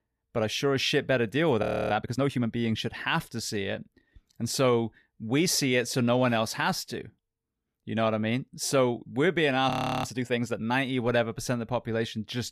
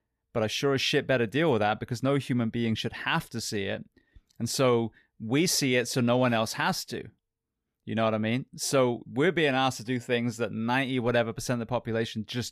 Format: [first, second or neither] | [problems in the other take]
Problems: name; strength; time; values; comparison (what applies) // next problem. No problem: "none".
second | audio freezing; at 1.5 s and at 9.5 s